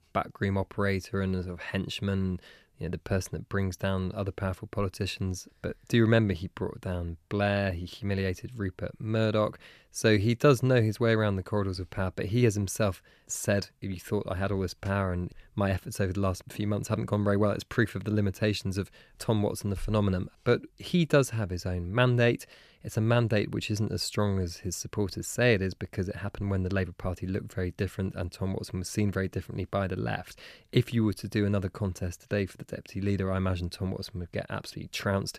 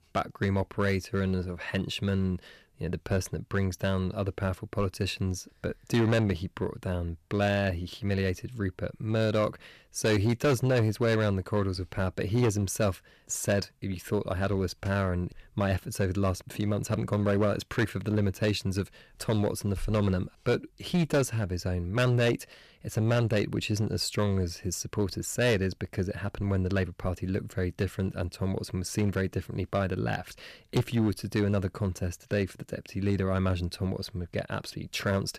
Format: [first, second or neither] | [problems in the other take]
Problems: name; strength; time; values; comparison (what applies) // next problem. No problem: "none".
first | distortion; slight; 6% of the sound clipped